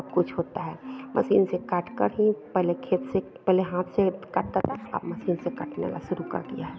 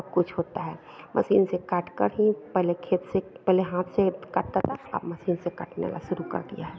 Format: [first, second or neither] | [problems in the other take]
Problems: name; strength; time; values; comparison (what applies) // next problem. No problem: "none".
second | background sound (Marimba, xylophone); 15 dB below the speech